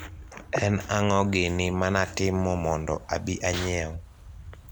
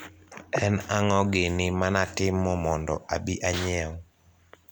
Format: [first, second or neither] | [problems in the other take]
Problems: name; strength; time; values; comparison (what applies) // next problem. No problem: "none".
second | background sound (Wind); 19 dB below the speech